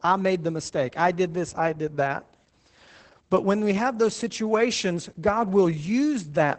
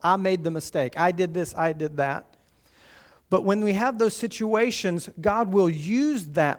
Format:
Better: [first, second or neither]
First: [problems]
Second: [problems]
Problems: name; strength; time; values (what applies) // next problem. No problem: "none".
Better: second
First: garbled, watery; badly; nothing above 8 kHz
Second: garbled, watery; slightly; nothing above 19 kHz